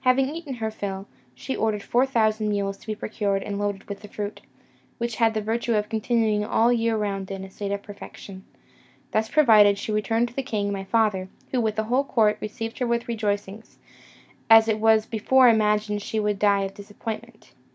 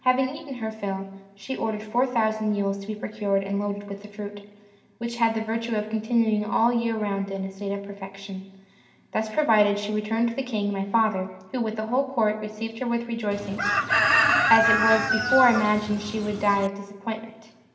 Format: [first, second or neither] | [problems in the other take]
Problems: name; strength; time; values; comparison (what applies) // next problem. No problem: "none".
first | background sound (Chicken, rooster); 2 dB above the speech // room echo; dies away in 1.7 s